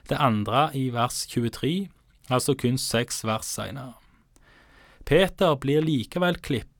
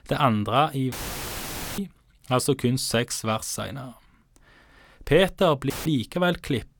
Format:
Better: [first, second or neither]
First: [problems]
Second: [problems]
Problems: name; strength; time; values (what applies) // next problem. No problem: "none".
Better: first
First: none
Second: audio cutting out; filled with static; at 1 s for 1 s and at 5.5 s